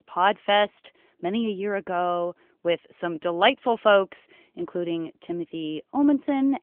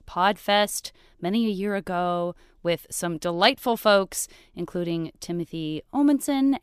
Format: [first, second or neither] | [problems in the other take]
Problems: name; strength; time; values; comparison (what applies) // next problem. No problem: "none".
second | phone-call audio; nothing above 3.5 kHz